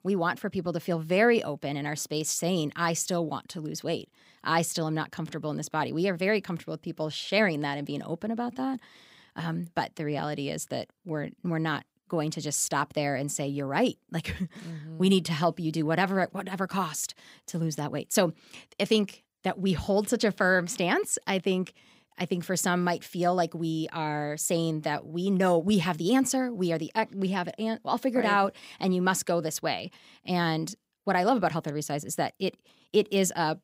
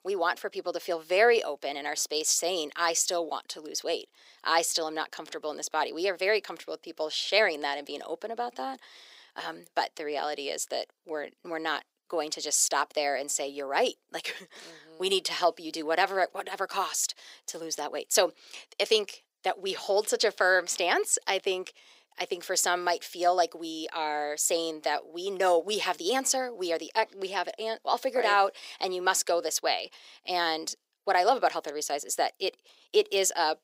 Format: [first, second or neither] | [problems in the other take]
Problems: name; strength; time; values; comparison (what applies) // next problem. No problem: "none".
first | thin; very; fading below 400 Hz